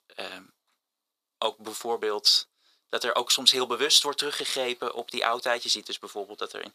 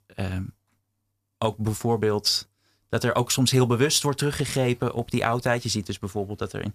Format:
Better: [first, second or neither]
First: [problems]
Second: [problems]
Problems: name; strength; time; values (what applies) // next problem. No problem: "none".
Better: second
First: thin; very; fading below 400 Hz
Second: none